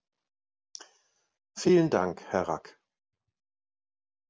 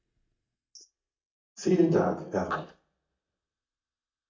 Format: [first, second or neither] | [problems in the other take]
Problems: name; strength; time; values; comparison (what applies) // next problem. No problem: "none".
first | noise reduction (neural mask model DeepFilterNet 3)